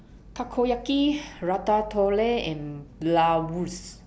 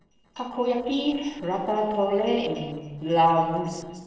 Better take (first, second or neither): first